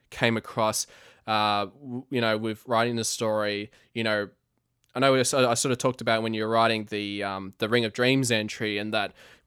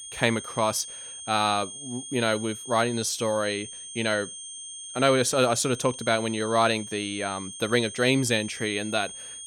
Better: first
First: none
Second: high-pitched whine; noticeable; throughout; 8.5 kHz, 10 dB below the speech

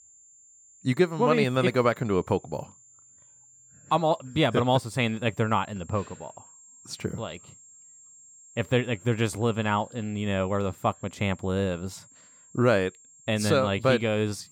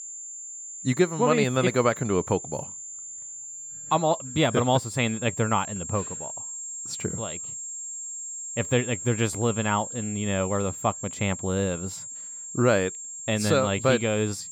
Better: first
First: high-pitched whine; faint; throughout; 7.5 kHz, 25 dB below the speech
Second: high-pitched whine; loud; throughout; 7.5 kHz, 9 dB below the speech

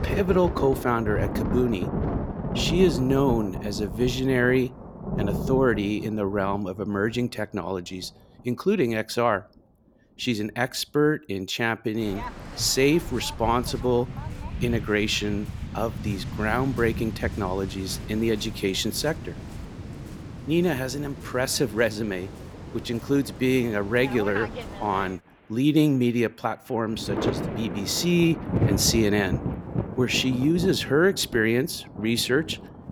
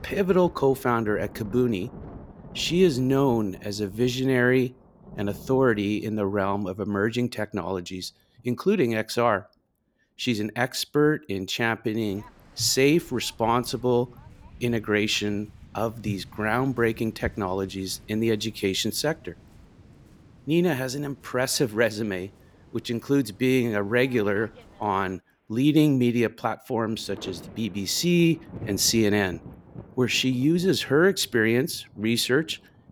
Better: second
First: rain or running water; loud; throughout; 8 dB below the speech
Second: rain or running water; faint; throughout; 20 dB below the speech

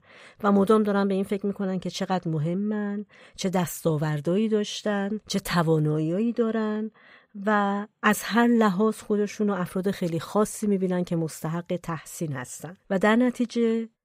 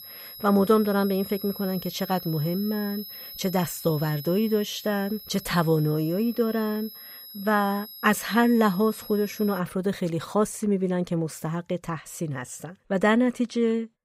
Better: first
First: none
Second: high-pitched whine; noticeable; until 9.5 s; 11.5 kHz, 15 dB below the speech

